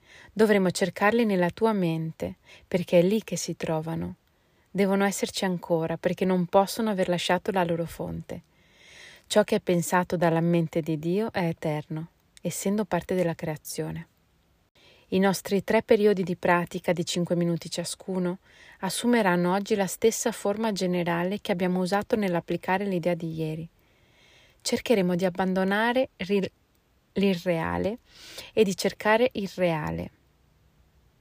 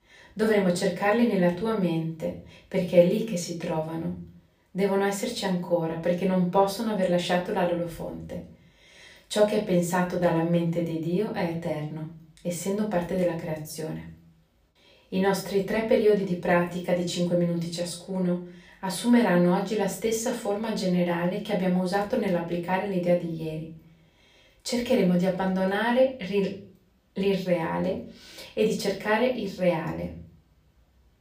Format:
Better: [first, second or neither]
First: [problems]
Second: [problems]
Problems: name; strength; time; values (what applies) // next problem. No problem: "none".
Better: first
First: none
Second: off-mic speech; far // room echo; slight; dies away in 0.4 s